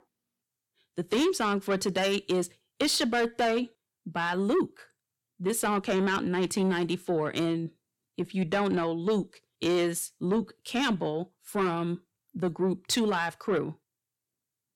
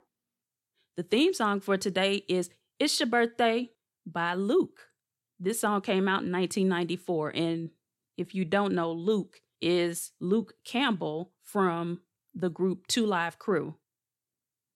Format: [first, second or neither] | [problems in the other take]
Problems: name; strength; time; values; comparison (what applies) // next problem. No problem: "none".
second | distortion; slight; 10 dB below the speech